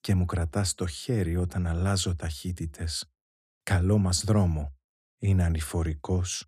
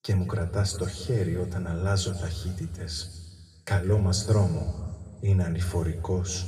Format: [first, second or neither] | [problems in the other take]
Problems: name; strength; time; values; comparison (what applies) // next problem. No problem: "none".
first | room echo; noticeable; dies away in 1.6 s // off-mic speech; somewhat distant